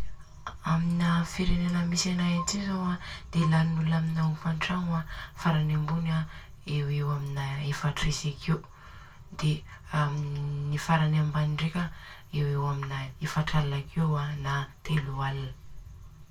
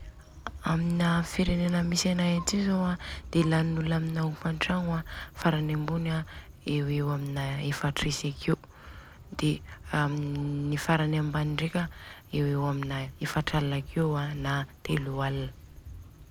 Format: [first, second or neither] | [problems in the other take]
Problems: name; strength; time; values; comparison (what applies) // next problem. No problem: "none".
second | room echo; dies away in 0.2 s